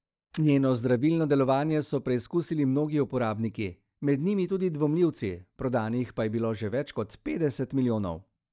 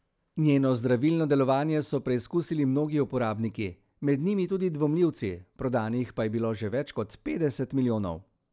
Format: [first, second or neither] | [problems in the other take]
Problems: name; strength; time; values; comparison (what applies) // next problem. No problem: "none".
second | noise reduction (neural mask model DeepFilterNet 3)